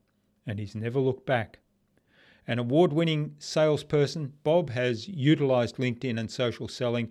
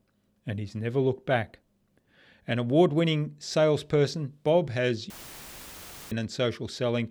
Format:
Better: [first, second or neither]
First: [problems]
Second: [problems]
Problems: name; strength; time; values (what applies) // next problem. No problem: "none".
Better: first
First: none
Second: audio cutting out; filled with static; at 5 s for 1 s